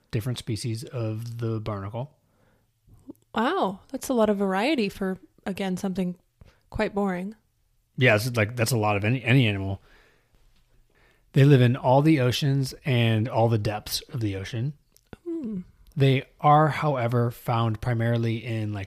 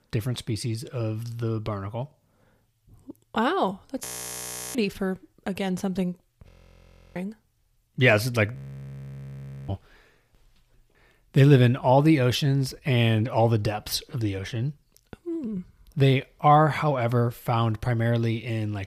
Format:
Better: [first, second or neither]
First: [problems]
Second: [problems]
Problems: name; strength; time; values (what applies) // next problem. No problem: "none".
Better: first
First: none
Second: audio freezing; at 4 s for 0.5 s, at 6.5 s for 0.5 s and at 8.5 s for 1 s